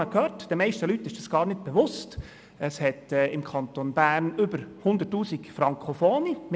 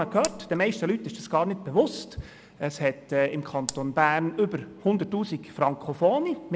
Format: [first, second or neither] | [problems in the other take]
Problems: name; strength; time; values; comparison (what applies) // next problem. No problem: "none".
first | background sound (Raindrop); 12 dB below the speech